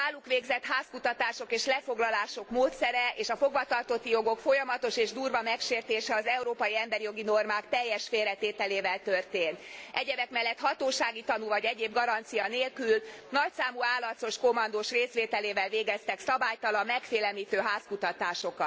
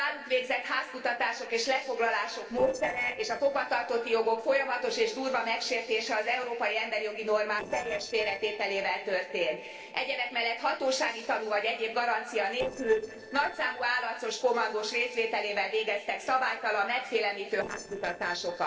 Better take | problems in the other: first | noise reduction (neural separator model SepFormer DNS4)

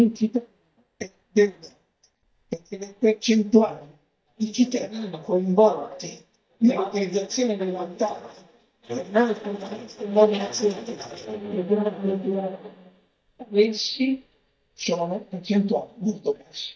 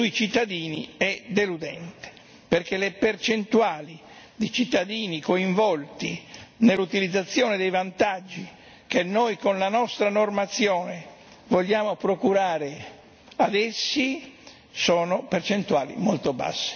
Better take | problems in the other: second | noise reduction (neural mask model DeepFilterNet 3)

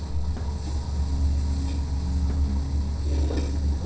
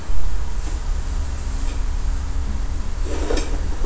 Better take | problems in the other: second | noise reduction (neural separator model SepFormer DNS4)

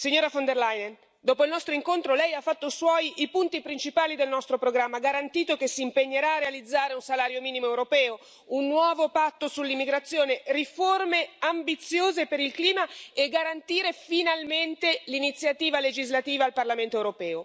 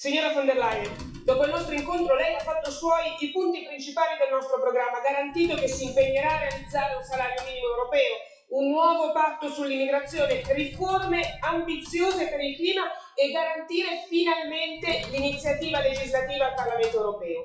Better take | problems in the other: first | noise reduction (classical method WPE with log-MMSE)

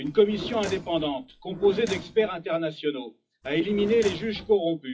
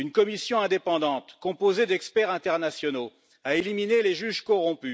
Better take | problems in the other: second | noise reduction (classical method WPE with log-MMSE)

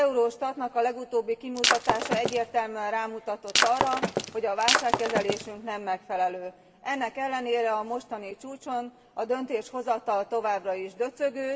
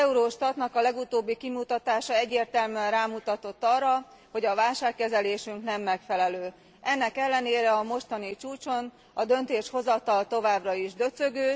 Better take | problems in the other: second | background sound (Shatter); 2 dB above the speech // room echo; dies away in 1.9 s

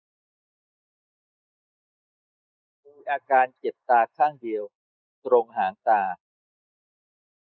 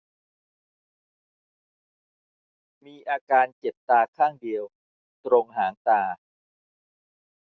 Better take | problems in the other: second | noise reduction (neural mask model Resemble Enhance denoiser)

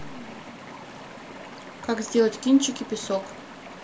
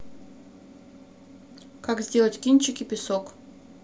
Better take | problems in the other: second | background sound (Stream); 14 dB below the speech

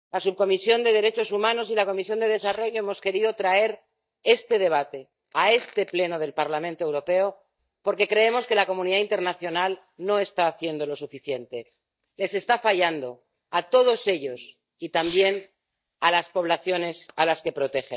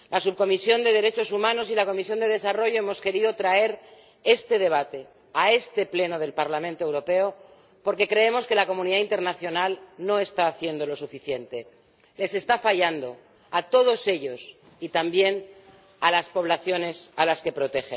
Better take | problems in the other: second | noise reduction (neural mask model DeepFilterNet 3)

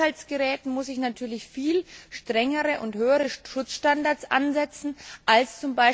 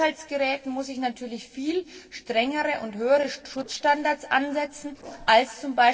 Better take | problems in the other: first | noise reduction (neural separator model SepFormer DNS4)

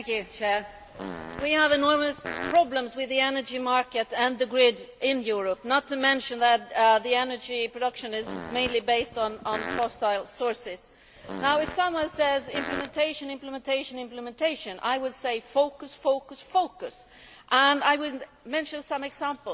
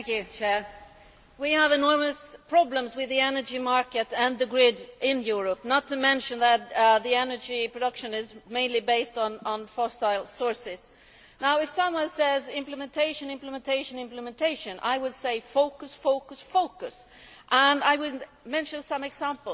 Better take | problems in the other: second | background sound (Fart); 11 dB below the speech

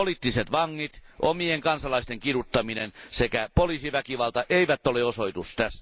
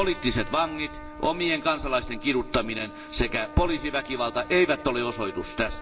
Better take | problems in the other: first | background sound (Trumpet); 16 dB below the speech // room echo; dies away in 1.8 s

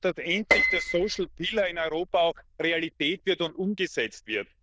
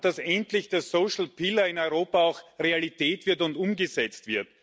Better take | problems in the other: second | noise reduction (neural diffusion model UNIVERSE++)

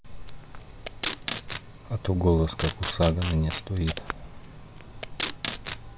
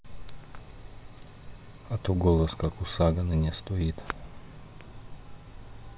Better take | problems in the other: second | background sound (Packing tape, duct tape); 9 dB below the speech

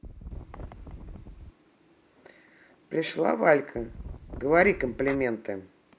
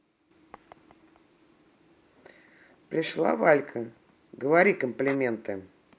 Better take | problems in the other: second | background sound (Wind); 13 dB below the speech

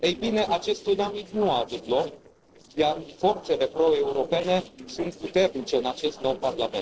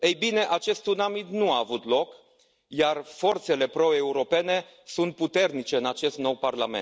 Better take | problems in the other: second | noise reduction (neural separator model SepFormer DNS4)

